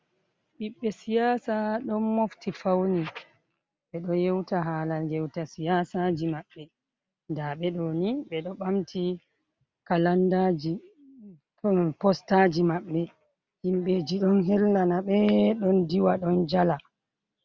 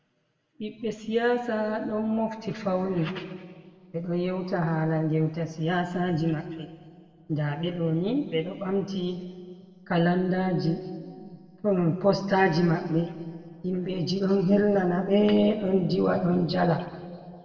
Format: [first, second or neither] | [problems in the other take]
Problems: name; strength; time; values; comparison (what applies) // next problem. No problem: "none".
first | room echo; dies away in 1.7 s